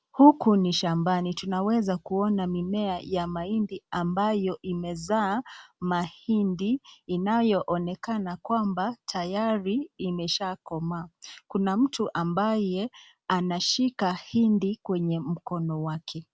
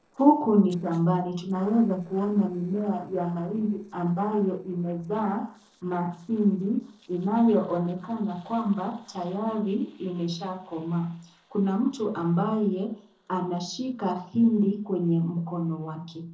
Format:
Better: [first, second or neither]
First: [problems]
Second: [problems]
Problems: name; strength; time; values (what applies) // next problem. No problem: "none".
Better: first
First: none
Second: noise reduction (neural separator model SepFormer DNS4)